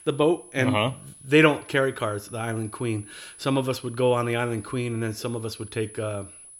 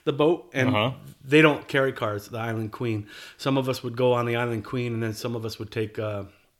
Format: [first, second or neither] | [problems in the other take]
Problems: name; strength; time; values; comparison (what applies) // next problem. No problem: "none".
second | high-pitched whine; noticeable; throughout; 10 kHz, 20 dB below the speech